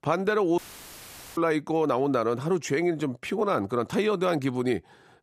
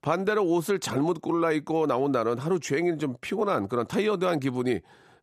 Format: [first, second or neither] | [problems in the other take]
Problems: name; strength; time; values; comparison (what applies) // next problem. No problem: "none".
second | audio cutting out; filled with static; at 0.5 s for 1 s